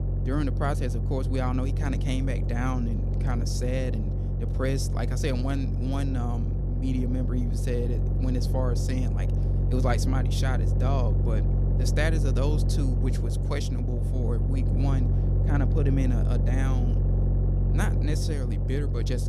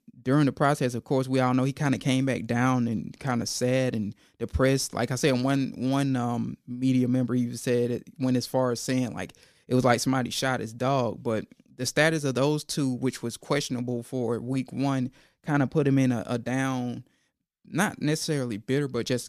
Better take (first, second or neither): second